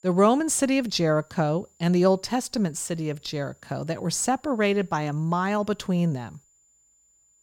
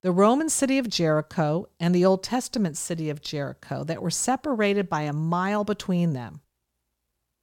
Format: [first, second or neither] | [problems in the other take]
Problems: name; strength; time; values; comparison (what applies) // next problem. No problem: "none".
second | high-pitched whine; faint; throughout; 7 kHz, 35 dB below the speech